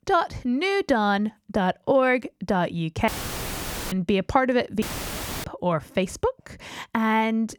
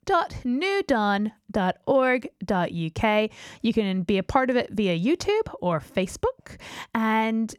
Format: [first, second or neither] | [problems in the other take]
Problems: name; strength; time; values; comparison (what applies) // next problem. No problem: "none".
second | audio cutting out; filled with static; at 3 s for 1 s and at 5 s for 0.5 s